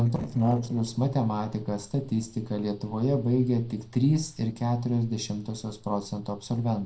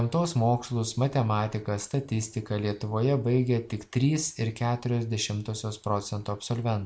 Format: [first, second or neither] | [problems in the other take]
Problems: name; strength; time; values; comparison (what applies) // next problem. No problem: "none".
second | noise reduction (neural separator model SepFormer DNS4)